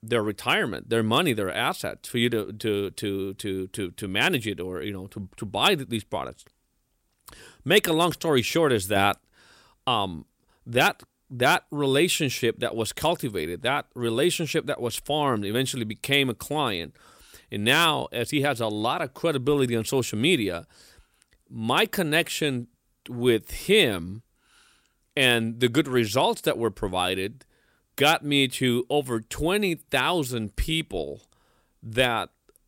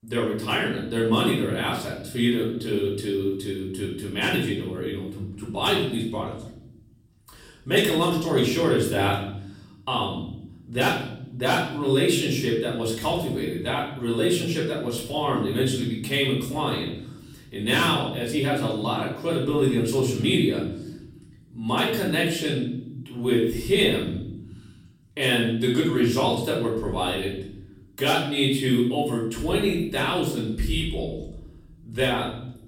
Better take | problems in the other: first | off-mic speech; far // room echo; noticeable; dies away in 1.2 s

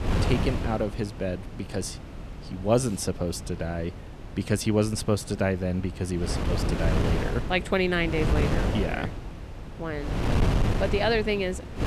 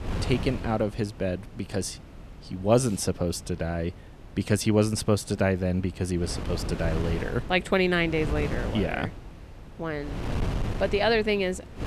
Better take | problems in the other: second | wind noise on the microphone; heavy; 6 dB below the speech; occasional gusts in the second

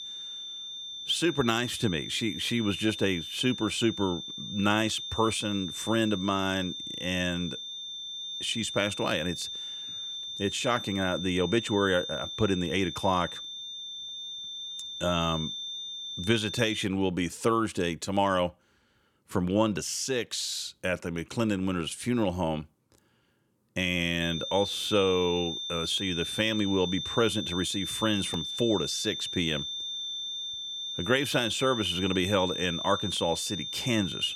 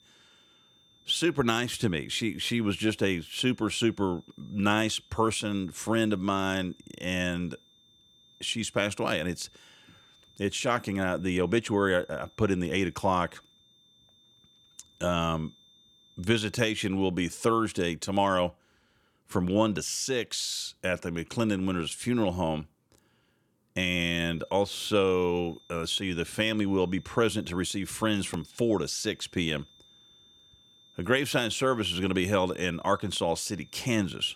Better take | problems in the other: second | high-pitched whine; loud; until 17 s and from 24 s on; 3.5 kHz, 6 dB below the speech; faint in the second

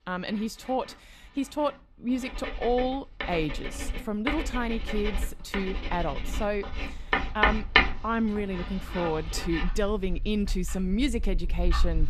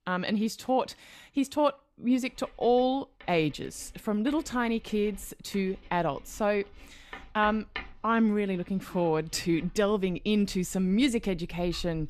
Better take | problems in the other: second | household noises; loud; throughout; 1 dB below the speech; faint in the second

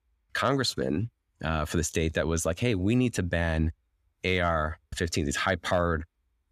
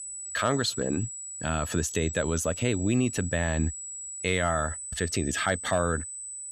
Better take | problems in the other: first | high-pitched whine; loud; throughout; 8 kHz, 7 dB below the speech

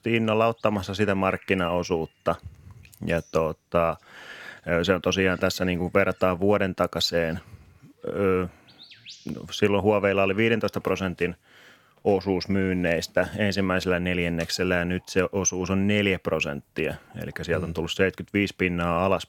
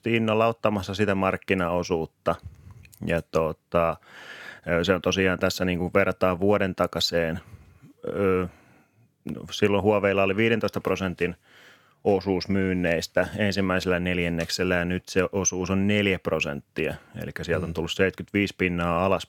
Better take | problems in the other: second | animal sounds; faint; throughout; 25 dB below the speech

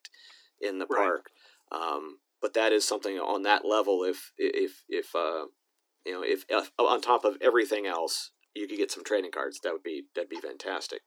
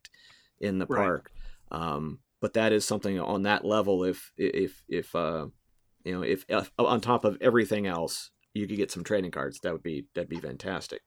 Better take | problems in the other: second | thin; somewhat; fading below 300 Hz

